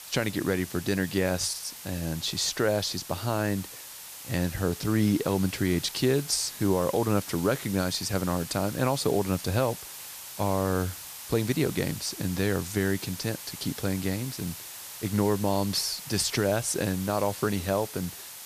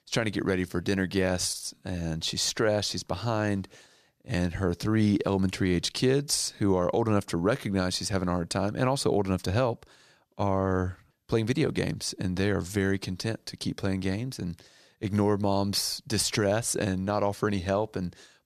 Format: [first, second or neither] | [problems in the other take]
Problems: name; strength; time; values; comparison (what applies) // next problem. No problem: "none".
second | hiss; noticeable; throughout; 10 dB below the speech